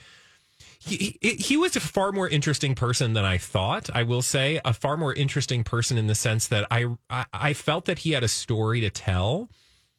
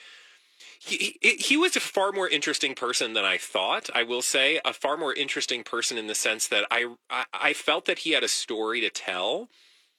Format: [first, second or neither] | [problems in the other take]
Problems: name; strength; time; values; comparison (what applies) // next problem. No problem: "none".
first | thin; very; fading below 300 Hz